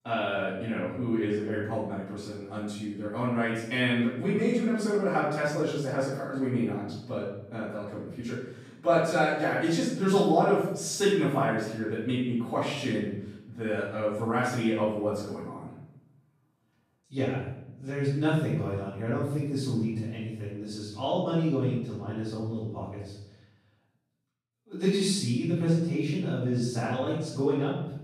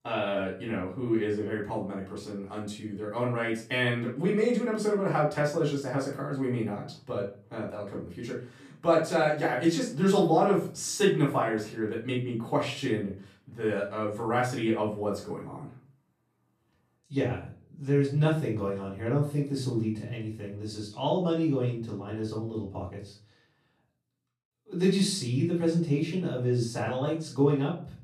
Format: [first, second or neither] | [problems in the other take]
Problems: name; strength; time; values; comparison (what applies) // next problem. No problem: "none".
second | room echo; strong; dies away in 0.7 s; slight in the second // off-mic speech; far; far in the second